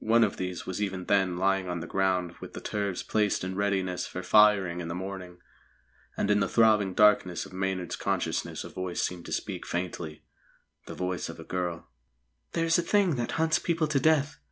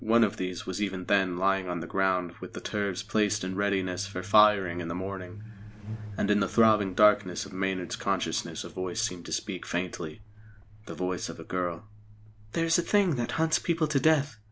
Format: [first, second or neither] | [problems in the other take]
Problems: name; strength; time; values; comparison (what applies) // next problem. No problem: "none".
first | background sound (Truck); 17 dB below the speech